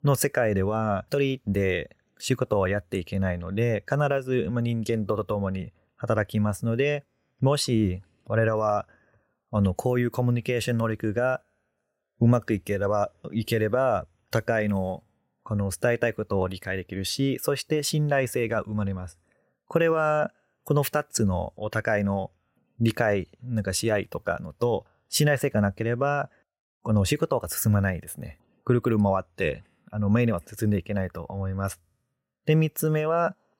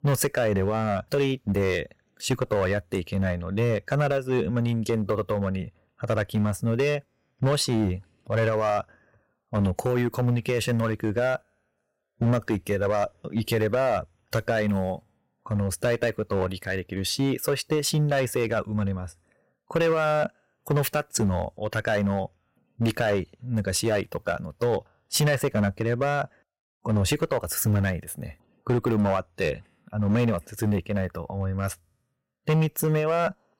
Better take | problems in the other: first | distortion; slight; 7% of the sound clipped

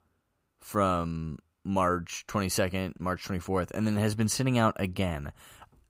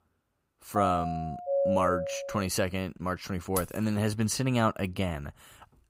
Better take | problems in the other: first | doorbell; loud; from 1 to 2.5 s; peak 3 dB above the speech // jangling keys; noticeable; at 3.5 s; peak 7 dB below the speech

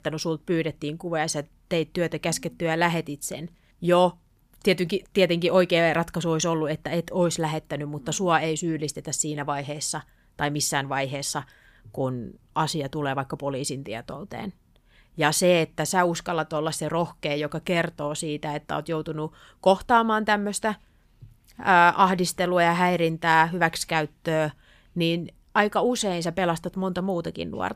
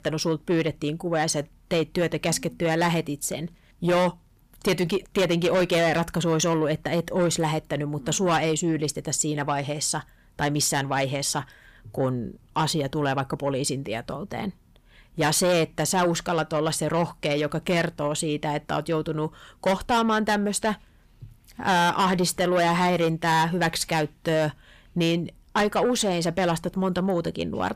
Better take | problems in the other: first | distortion; heavy; 8 dB below the speech

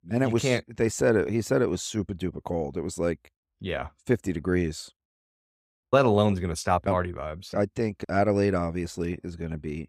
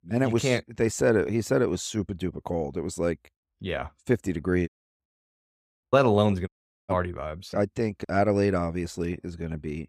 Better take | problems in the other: first | audio cutting out; at 4.5 s and at 6.5 s

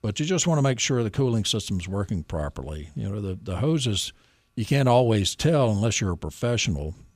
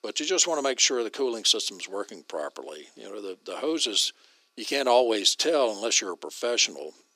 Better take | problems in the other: first | thin; very; fading below 300 Hz

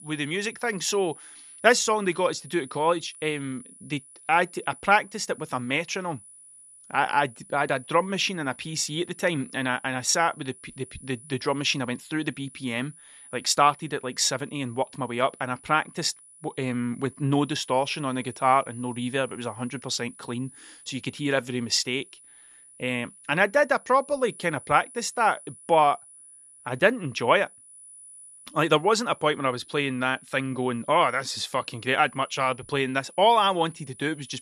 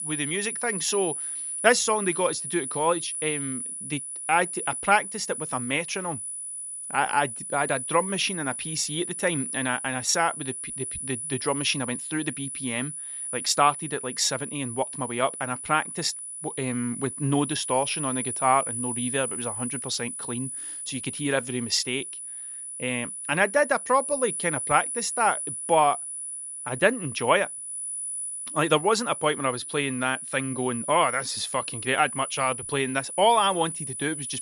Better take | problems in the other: first | high-pitched whine; loud; throughout; 10 kHz, 5 dB below the speech; faint in the first

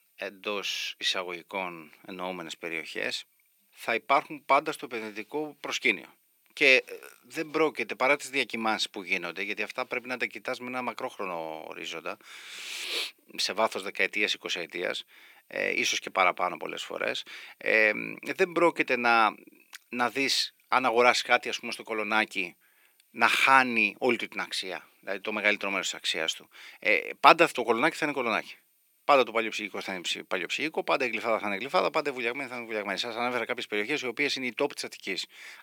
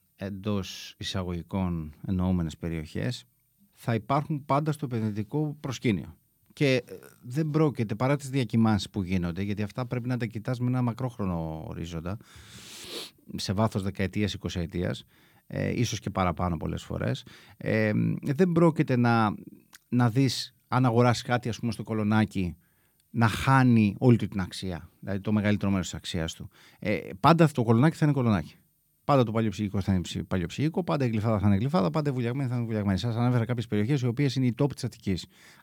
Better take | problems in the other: second | thin; very; fading below 400 Hz

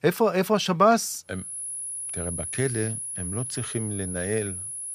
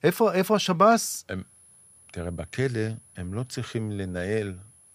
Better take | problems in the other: second | high-pitched whine; loud; from 1.5 s on; 10.5 kHz, 5 dB below the speech; faint in the second

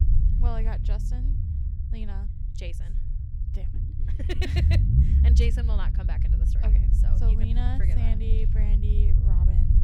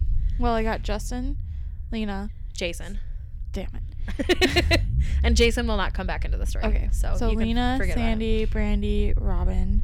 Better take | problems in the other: second | low rumble; loud; throughout; 2 dB below the speech; faint in the second

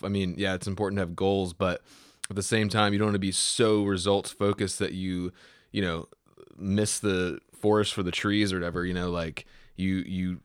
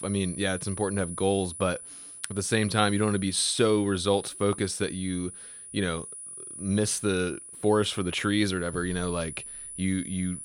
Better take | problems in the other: first | high-pitched whine; noticeable; throughout; 10 kHz, 10 dB below the speech

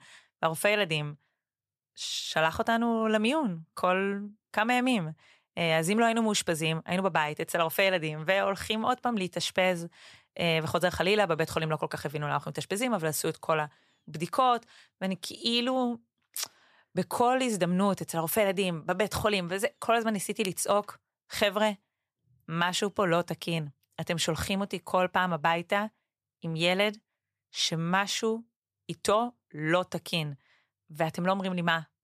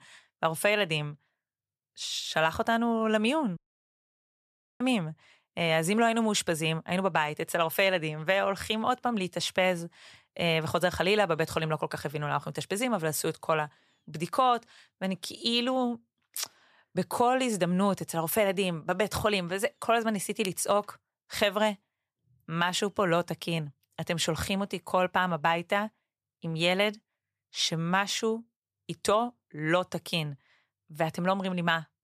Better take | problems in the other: first | audio cutting out; at 3.5 s for 1 s

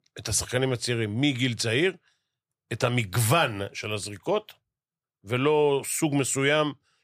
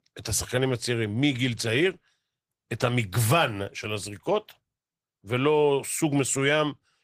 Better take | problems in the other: first | garbled, watery; slightly; nothing above 15 kHz

